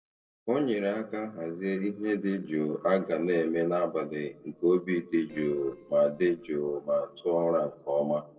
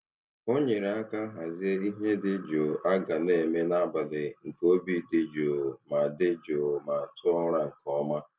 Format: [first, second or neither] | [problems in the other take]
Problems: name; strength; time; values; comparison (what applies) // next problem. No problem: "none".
second | noise reduction (neural separator model SepFormer DNS4)